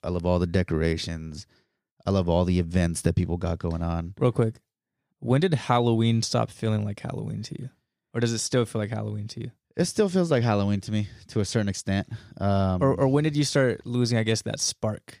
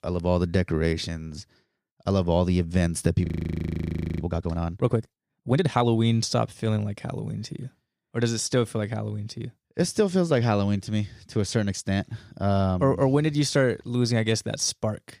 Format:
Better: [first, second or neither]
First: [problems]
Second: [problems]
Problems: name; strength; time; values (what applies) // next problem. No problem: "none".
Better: first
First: none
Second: audio freezing; at 3.5 s for 1 s